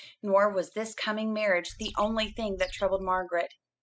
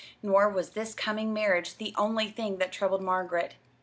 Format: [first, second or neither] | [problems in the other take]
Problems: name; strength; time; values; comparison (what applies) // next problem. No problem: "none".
second | noise reduction (classical method spectral subtraction)